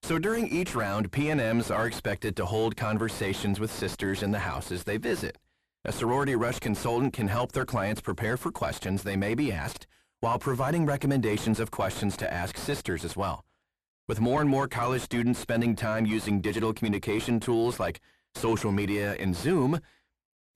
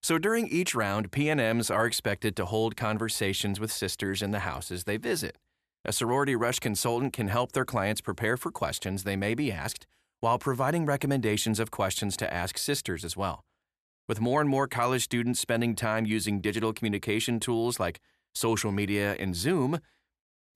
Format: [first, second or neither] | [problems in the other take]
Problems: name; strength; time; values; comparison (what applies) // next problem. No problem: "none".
second | distortion; heavy; 6 dB below the speech